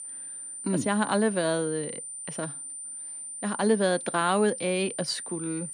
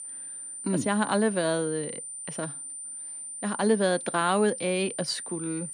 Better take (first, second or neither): neither